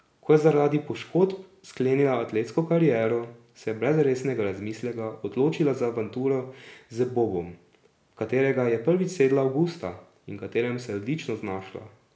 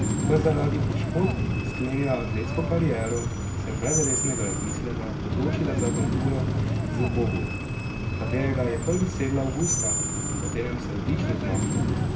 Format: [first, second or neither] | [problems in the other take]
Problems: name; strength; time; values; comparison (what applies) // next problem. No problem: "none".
first | background sound (Screech); 3 dB above the speech // room echo; dies away in 0.4 s